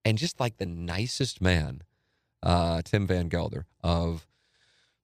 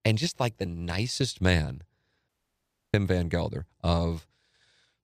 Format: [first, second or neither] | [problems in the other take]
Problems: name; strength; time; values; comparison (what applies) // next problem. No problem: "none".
first | audio cutting out; at 2.5 s for 0.5 s